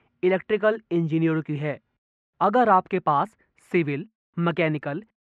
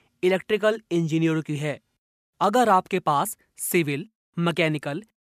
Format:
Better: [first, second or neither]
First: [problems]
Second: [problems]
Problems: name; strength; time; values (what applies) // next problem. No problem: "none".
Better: second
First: muffled; very; fading above 2 kHz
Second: none